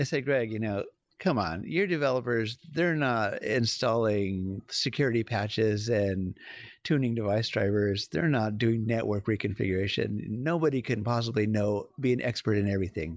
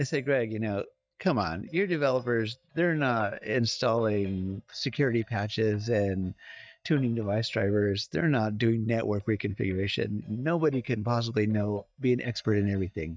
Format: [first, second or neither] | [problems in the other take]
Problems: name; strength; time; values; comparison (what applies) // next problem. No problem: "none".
first | noise reduction (neural mask model DeepFilterNet 3)